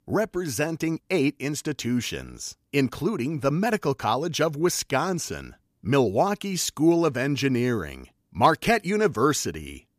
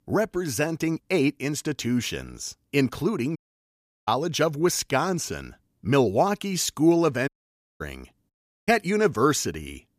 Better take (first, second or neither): first